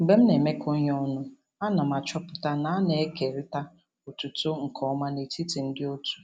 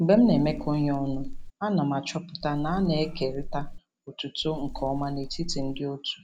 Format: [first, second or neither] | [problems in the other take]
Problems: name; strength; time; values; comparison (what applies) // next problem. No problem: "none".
first | background sound (Wind); 8 dB below the speech